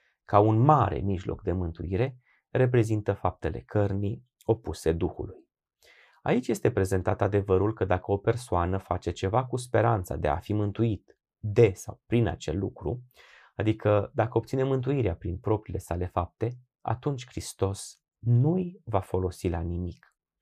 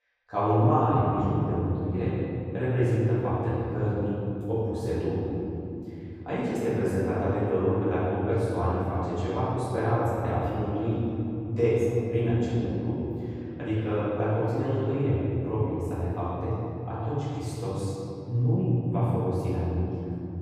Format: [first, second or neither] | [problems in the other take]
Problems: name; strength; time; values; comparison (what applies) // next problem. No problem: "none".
first | room echo; strong; dies away in 3 s // off-mic speech; far